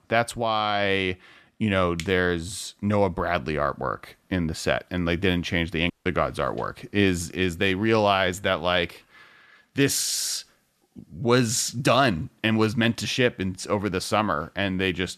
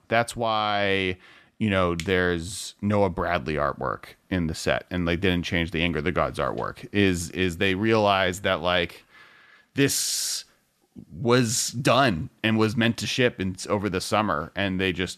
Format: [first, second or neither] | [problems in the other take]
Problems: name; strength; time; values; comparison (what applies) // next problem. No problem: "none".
second | audio cutting out; at 6 s